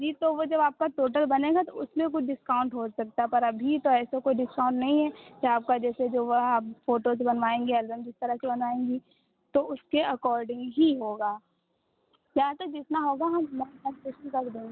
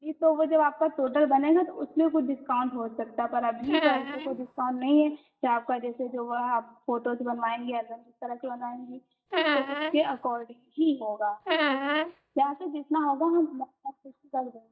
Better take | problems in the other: first | noise reduction (neural mask model DeepFilterNet 3)

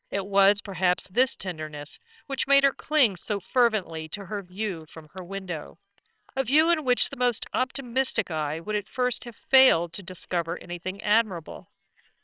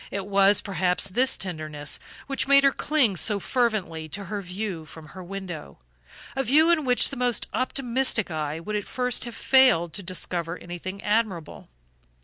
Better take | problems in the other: second | noise reduction (neural separator model SepFormer WHAMR!)

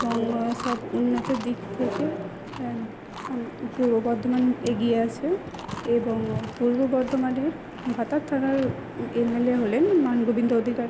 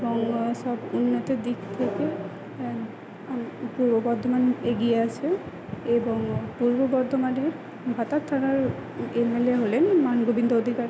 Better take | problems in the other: second | background sound (Chewing, mastication); 18 dB below the speech

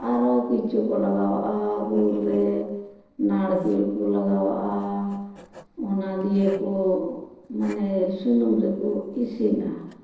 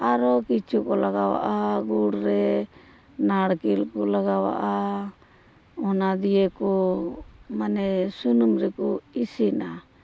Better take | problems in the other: second | noise reduction (neural separator model SepFormer DNS4)

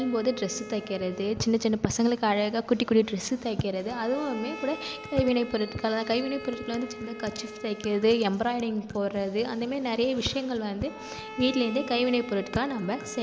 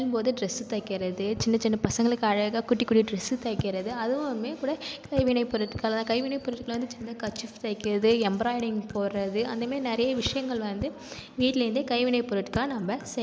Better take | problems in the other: second | background sound (Bowed string instrument); 16 dB below the speech

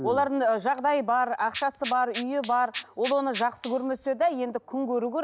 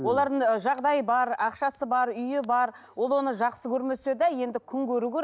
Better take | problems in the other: second | background sound (Rattle (instrument)); 15 dB below the speech

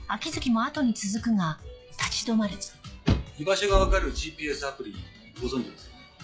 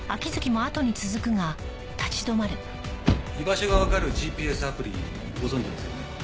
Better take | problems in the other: second | noise reduction (classical method log-MMSE)

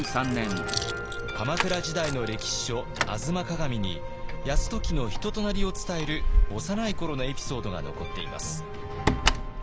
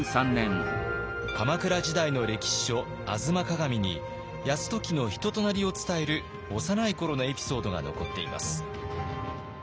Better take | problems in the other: second | background sound (Keys jangling); 2 dB above the speech

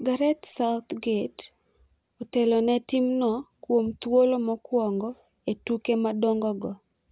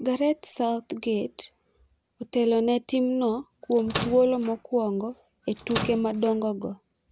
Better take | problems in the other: first | background sound (Microwave oven); 9 dB below the speech

